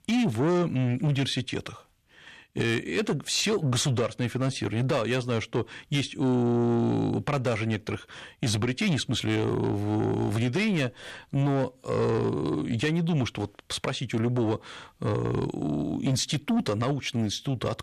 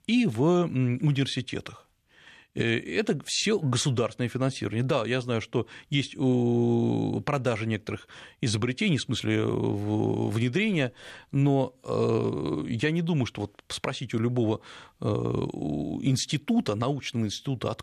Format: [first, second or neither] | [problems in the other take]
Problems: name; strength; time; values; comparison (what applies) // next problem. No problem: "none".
second | distortion; slight; 10 dB below the speech